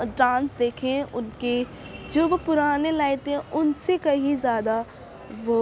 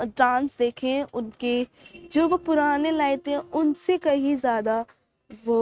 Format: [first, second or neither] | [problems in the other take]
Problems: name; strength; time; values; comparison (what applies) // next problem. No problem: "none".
first | noise reduction (neural mask model RNNoise)